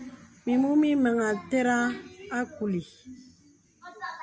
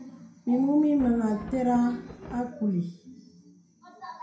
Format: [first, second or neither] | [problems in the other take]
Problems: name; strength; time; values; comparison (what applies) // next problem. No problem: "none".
first | background sound (Thunder); 16 dB below the speech // room echo; dies away in 0.5 s